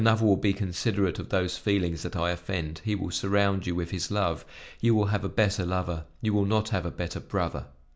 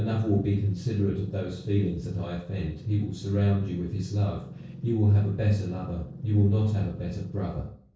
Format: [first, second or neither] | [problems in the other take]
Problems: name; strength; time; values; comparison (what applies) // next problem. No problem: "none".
first | noise reduction (neural separator model SepFormer DNS4)